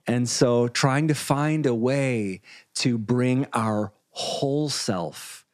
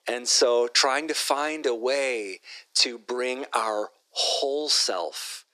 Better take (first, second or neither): first